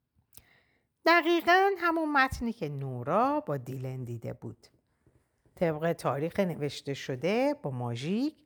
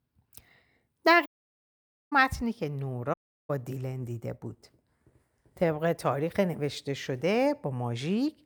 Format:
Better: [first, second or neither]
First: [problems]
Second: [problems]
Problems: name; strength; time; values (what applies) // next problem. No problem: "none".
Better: first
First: none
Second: audio cutting out; at 1.5 s for 1 s and at 3 s